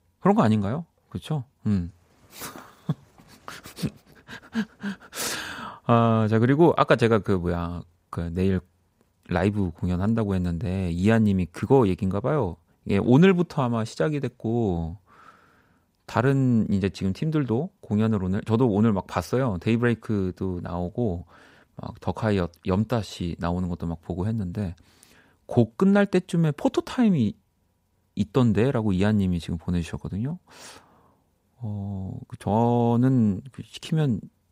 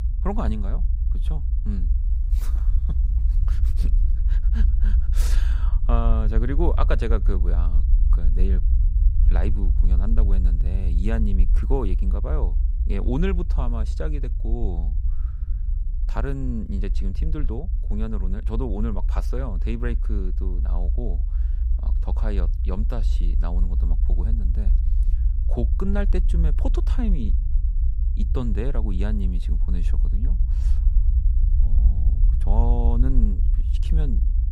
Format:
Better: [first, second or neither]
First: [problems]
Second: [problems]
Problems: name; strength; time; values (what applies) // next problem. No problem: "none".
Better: first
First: none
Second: low rumble; noticeable; throughout; 10 dB below the speech